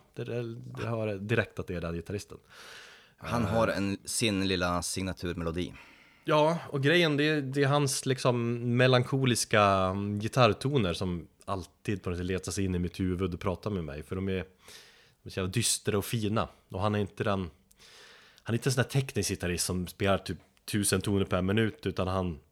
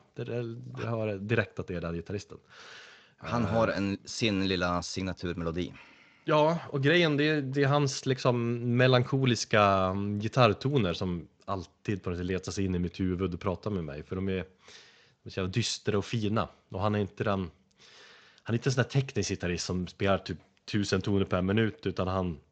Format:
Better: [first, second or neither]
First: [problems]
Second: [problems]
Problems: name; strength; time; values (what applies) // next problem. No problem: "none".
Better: first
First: none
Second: garbled, watery; slightly; nothing above 7.5 kHz